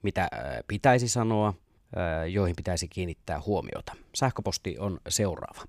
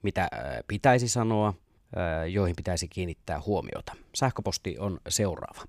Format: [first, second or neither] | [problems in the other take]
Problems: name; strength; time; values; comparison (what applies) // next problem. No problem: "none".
neither | none